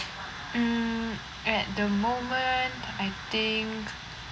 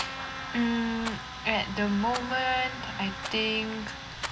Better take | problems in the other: first | background sound (Trumpet + Rattle); 11 dB below the speech

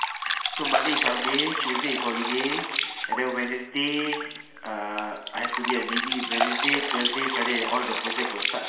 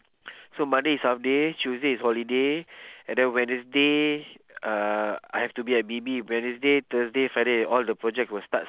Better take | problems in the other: second | background sound (Drip); 1 dB above the speech // room echo; dies away in 1.1 s

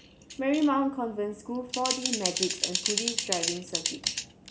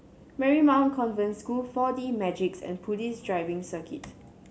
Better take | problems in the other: second | background sound (Typing); 2 dB below the speech

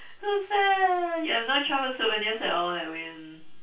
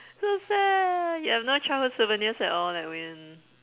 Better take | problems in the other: second | room echo; dies away in 0.2 s

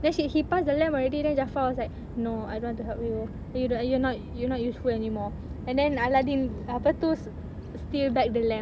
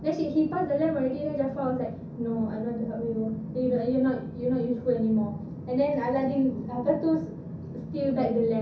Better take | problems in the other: first | room echo; dies away in 0.6 s

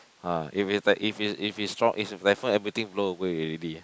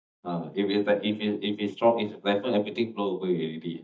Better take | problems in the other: first | noise reduction (neural mask model DeepFilterNet 3)

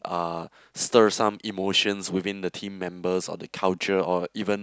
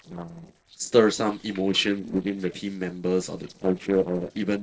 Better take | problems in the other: first | noise reduction (neural separator model SepFormer DNS4)

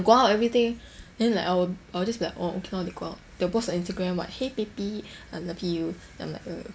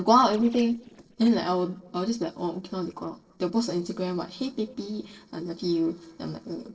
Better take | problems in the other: first | noise reduction (neural separator model SepFormer DNS4)

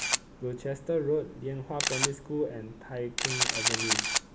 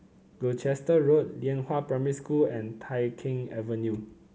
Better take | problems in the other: second | background sound (Camera); 2 dB above the speech

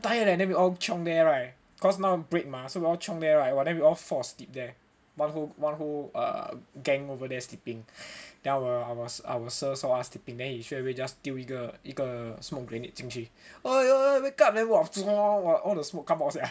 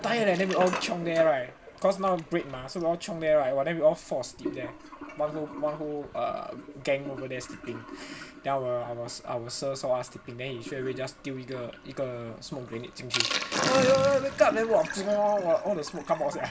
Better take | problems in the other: first | background sound (Sink (filling or washing)); 9 dB below the speech

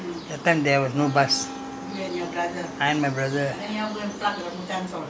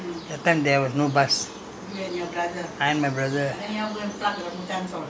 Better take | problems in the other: second | background sound (Wind instrument, woodwind instrument); 15 dB below the speech

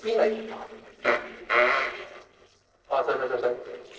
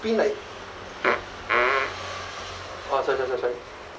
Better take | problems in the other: second | noise reduction (neural separator model SepFormer DNS4)

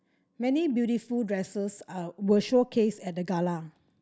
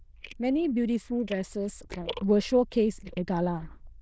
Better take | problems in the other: first | noise reduction (neural diffusion model UNIVERSE++)

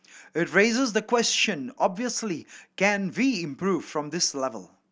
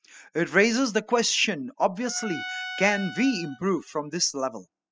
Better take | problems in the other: first | noise reduction (classical method spectral subtraction)

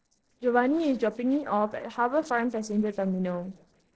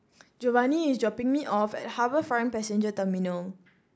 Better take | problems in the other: second | noise reduction (neural separator model SepFormer DNS4)

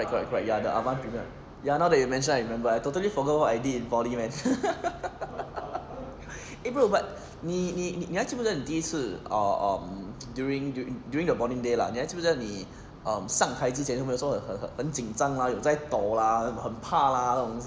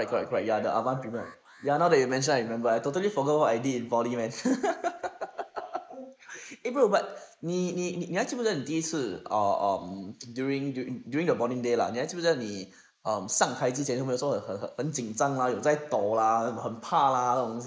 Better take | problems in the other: first | noise reduction (neural mask model Resemble Enhance denoiser)

